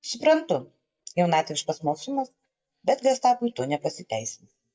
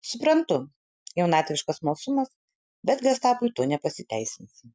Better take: second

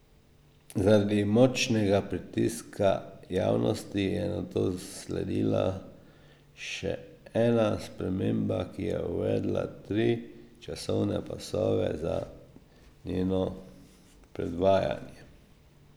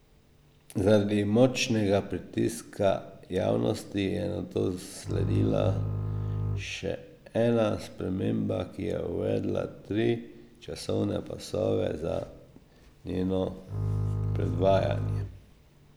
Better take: first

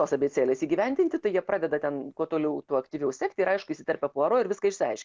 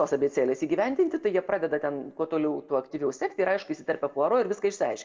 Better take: first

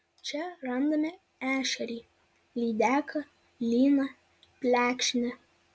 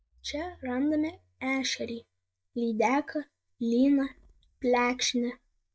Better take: first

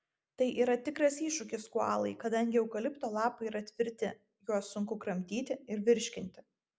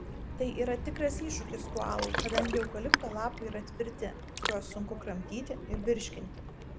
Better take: first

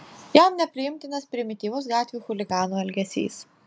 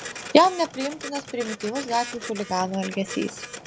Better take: first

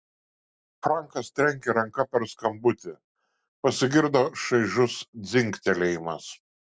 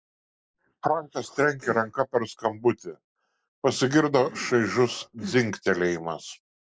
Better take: first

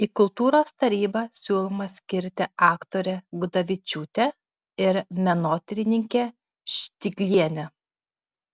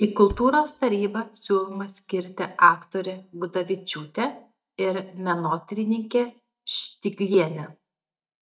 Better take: first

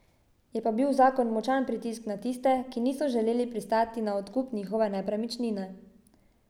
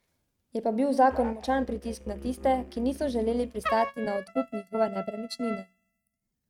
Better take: first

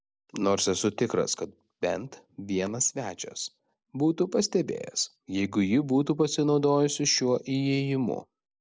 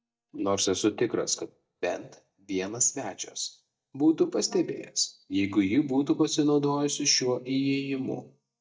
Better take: first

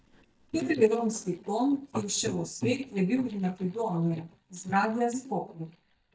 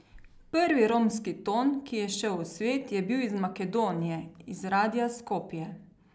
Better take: second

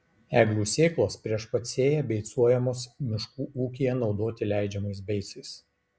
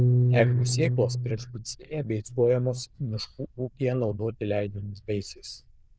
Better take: first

